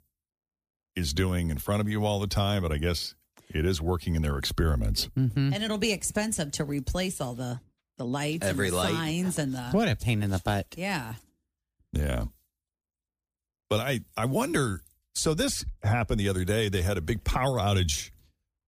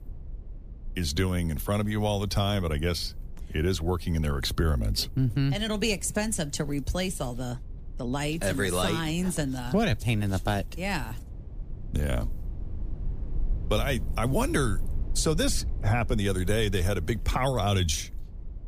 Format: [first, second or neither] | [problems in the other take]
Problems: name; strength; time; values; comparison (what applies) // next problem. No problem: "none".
first | low rumble; faint; throughout; 25 dB below the speech